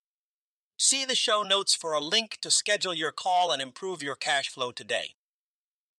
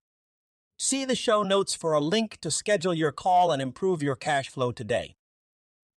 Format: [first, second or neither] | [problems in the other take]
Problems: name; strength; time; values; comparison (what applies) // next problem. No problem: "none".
second | thin; somewhat; fading below 1 kHz